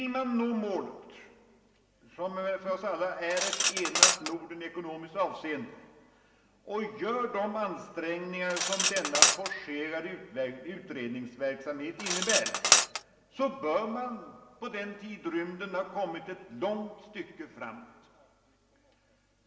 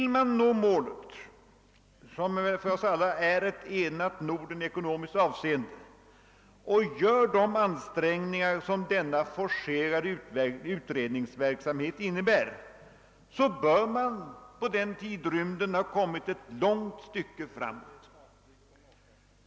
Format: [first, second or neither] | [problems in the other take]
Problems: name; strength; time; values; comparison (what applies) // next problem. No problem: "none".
second | background sound (Cutlery, silverware); 4 dB above the speech // room echo; dies away in 2.4 s